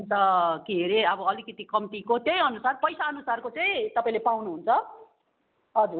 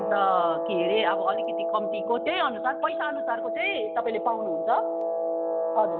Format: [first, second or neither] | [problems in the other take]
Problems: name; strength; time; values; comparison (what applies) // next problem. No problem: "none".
first | background sound (Guitar); 1 dB below the speech